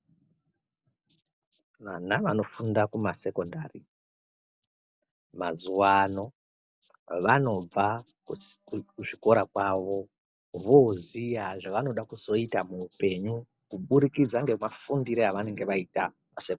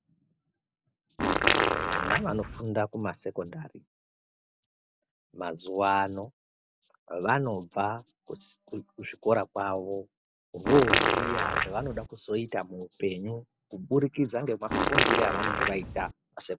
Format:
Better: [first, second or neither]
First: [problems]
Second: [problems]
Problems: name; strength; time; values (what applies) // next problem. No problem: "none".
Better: first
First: none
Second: background sound (Fart); 5 dB above the speech